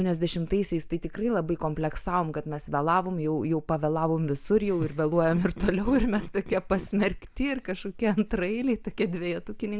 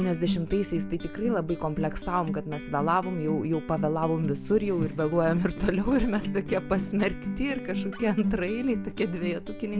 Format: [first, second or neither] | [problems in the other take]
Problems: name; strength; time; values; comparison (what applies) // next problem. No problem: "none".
first | background sound (Acoustic guitar); 7 dB below the speech